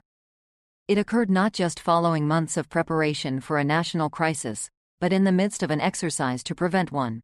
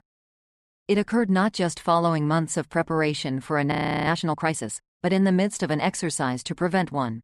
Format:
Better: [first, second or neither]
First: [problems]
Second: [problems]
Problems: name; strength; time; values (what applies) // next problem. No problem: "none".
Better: first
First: none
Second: audio freezing; at 3.5 s